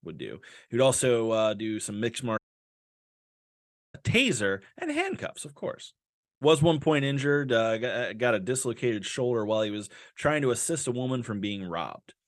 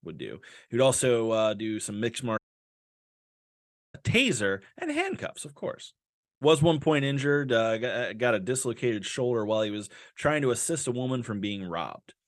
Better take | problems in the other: neither | audio cutting out; at 2.5 s for 1.5 s; the same in both

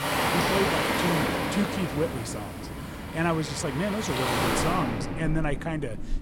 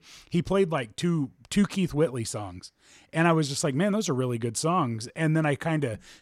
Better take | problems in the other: second | rain or running water; very loud; throughout; 2 dB above the speech

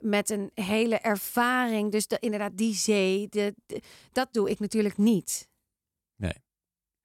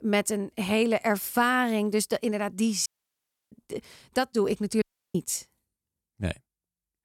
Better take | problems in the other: first | audio cutting out; at 3 s for 0.5 s and at 5 s

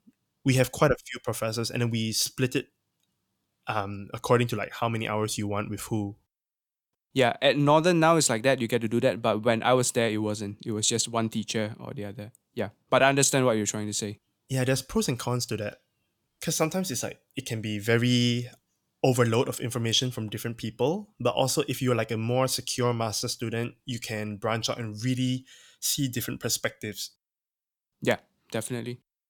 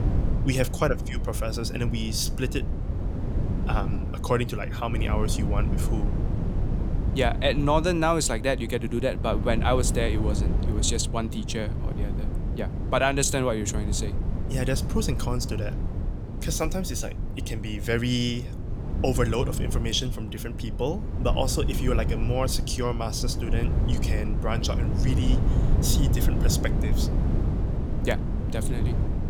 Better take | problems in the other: first | wind noise on the microphone; heavy; 10 dB below the speech

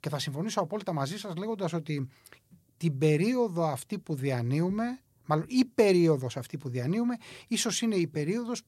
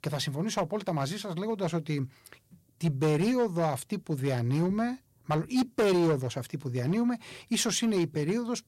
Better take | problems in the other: first | distortion; slight; 6% of the sound clipped

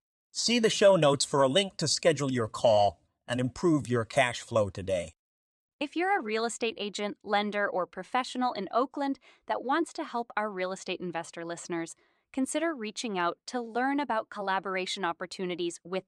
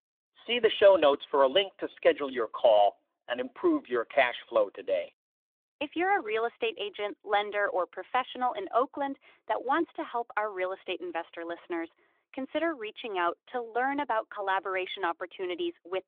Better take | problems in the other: first | phone-call audio; nothing above 3.5 kHz

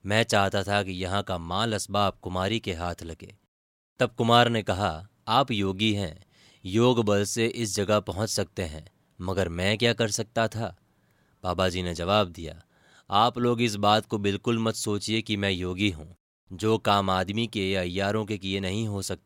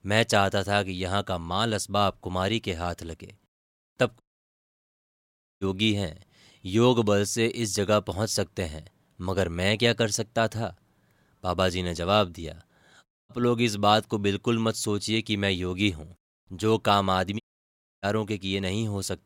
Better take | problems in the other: first | audio cutting out; at 4 s for 1.5 s, at 13 s and at 17 s for 0.5 s

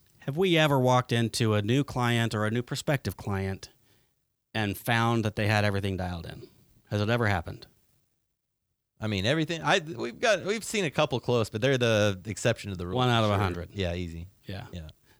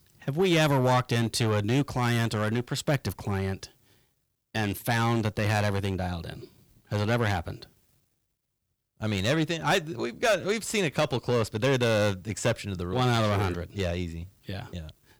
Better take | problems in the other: first | distortion; slight; 5% of the sound clipped

